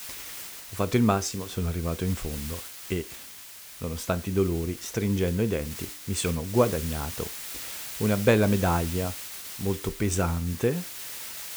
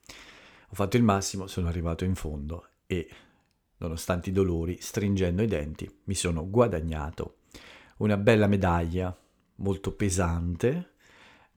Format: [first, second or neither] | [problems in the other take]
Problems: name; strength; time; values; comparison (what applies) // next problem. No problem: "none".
second | hiss; loud; throughout; 10 dB below the speech